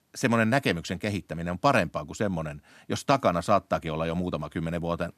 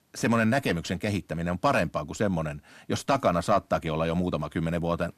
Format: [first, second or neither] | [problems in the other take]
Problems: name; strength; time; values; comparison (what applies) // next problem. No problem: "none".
first | distortion; slight; 10 dB below the speech